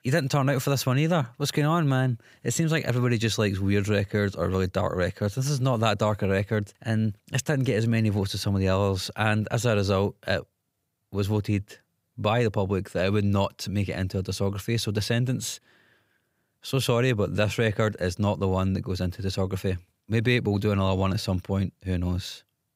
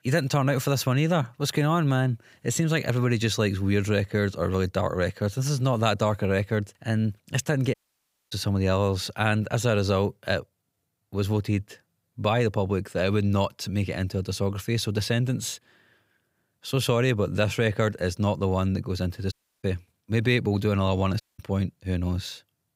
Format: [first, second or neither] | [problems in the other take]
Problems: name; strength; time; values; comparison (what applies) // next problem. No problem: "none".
first | audio cutting out; at 7.5 s for 0.5 s, at 19 s and at 21 s